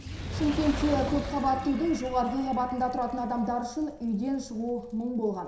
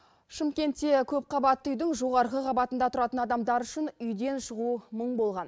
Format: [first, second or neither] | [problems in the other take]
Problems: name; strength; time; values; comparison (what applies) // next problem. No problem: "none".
second | background sound (Fire); 9 dB below the speech // room echo; dies away in 0.7 s